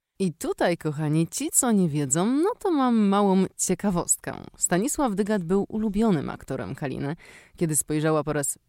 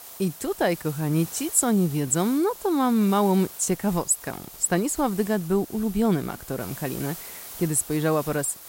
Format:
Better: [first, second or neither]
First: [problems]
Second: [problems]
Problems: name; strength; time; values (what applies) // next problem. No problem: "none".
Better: first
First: none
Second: hiss; noticeable; throughout; 15 dB below the speech